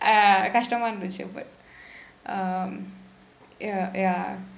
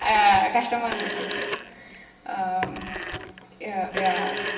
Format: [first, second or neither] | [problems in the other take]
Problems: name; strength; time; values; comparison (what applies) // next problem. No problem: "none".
first | background sound (Telephone); 8 dB below the speech // room echo; dies away in 2.2 s